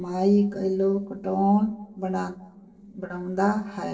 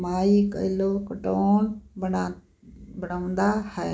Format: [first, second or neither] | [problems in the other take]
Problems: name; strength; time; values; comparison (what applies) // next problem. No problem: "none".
second | noise reduction (neural separator model SepFormer DNS4)